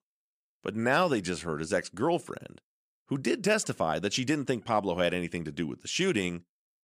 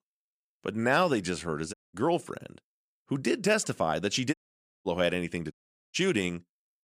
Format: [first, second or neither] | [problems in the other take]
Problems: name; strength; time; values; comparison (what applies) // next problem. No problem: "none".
first | audio cutting out; at 1.5 s, at 4.5 s for 0.5 s and at 5.5 s